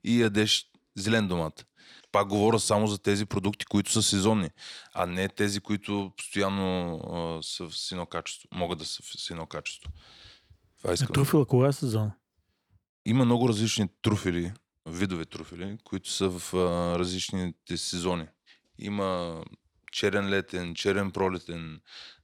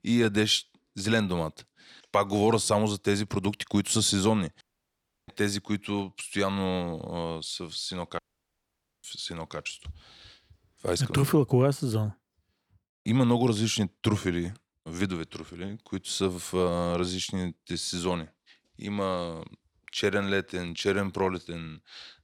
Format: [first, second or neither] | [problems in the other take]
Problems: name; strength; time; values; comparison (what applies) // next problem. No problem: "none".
first | audio cutting out; at 4.5 s for 0.5 s and at 8 s for 1 s